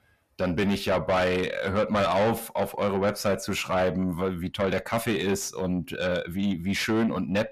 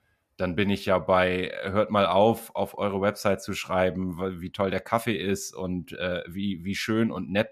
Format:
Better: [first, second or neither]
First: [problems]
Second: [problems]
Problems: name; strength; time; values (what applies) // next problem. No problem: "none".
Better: second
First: distortion; heavy; 6 dB below the speech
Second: none